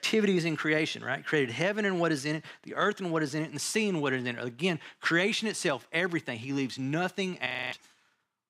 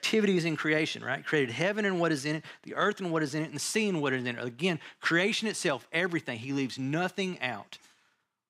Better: second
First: audio freezing; at 7.5 s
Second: none

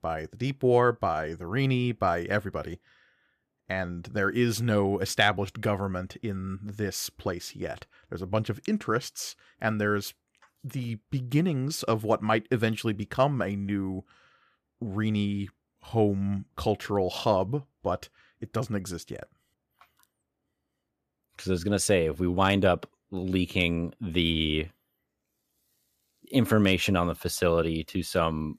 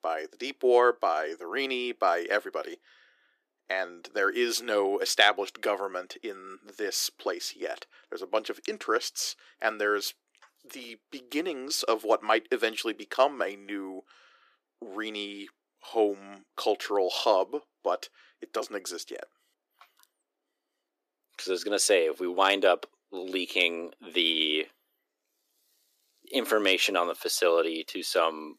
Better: first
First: none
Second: thin; very; fading below 300 Hz

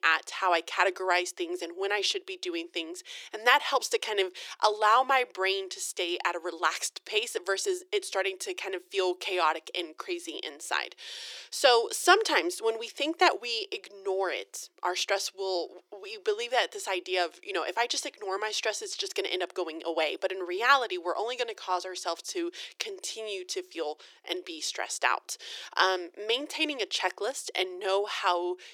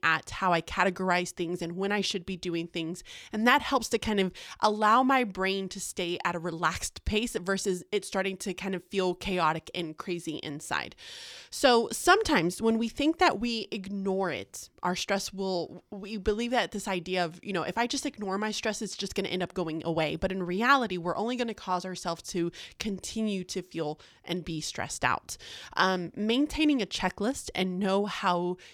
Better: second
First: thin; very; fading below 350 Hz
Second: none

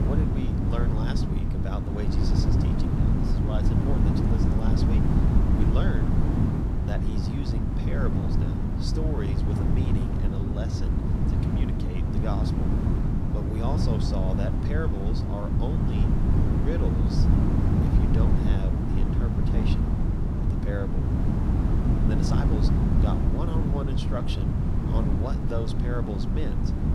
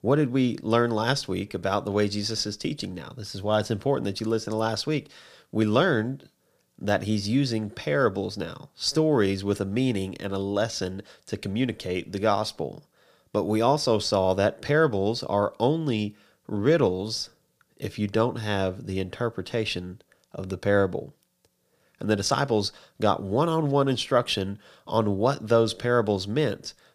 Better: second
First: wind noise on the microphone; heavy; 3 dB above the speech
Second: none

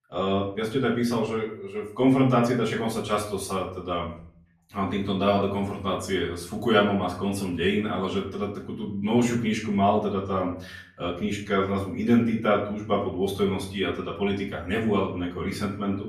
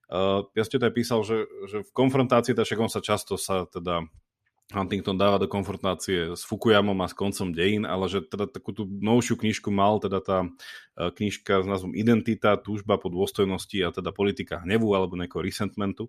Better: second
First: off-mic speech; far // room echo; slight; dies away in 0.5 s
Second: none

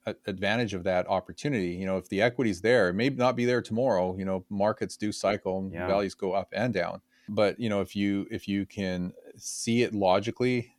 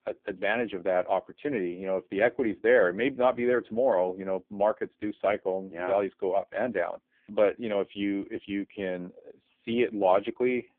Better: first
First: none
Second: phone-call audio; poor line; nothing above 3.5 kHz

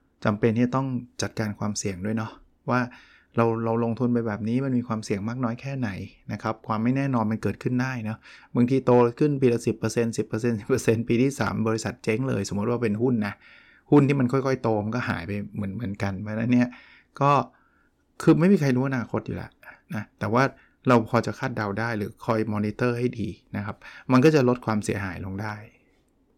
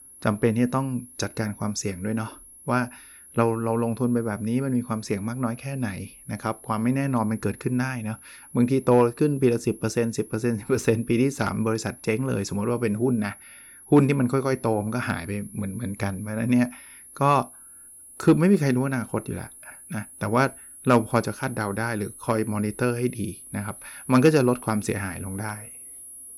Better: first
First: none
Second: high-pitched whine; noticeable; throughout; 10.5 kHz, 20 dB below the speech

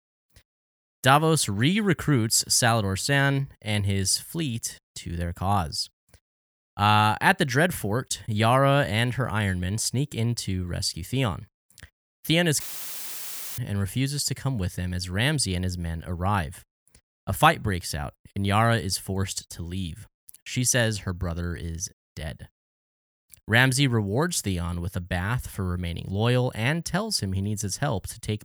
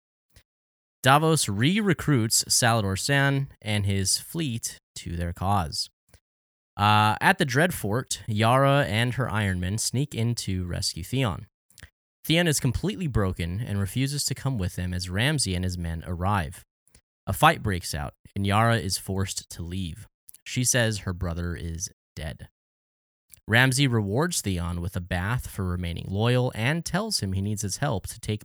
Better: second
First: audio cutting out; filled with static; at 13 s for 1 s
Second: none

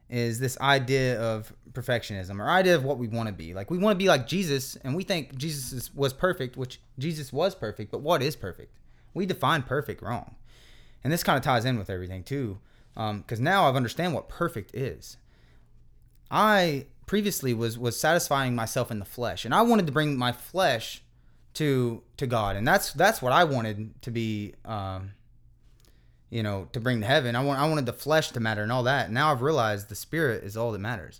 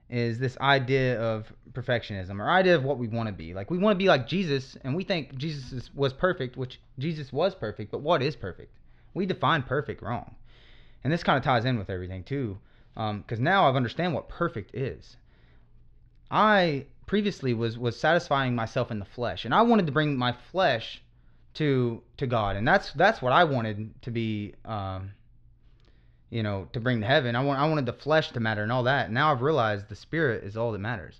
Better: first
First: none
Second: muffled; very slightly; fading above 4 kHz

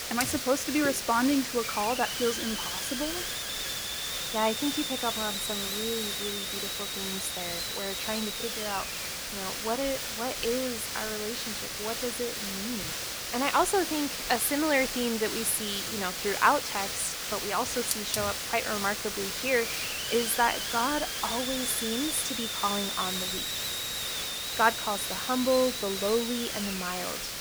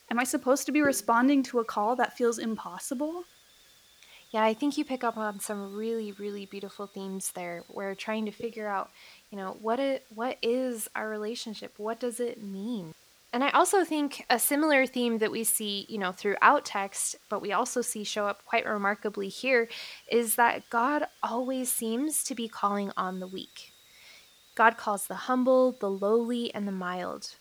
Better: second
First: hiss; loud; throughout; 1 dB below the speech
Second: hiss; faint; throughout; 30 dB below the speech

